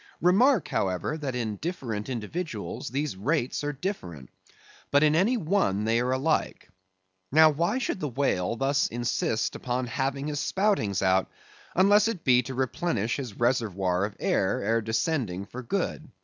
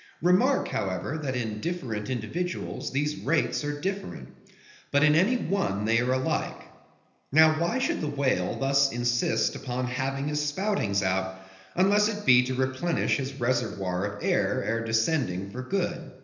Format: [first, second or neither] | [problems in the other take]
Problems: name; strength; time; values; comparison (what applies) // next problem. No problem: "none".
first | room echo; dies away in 0.8 s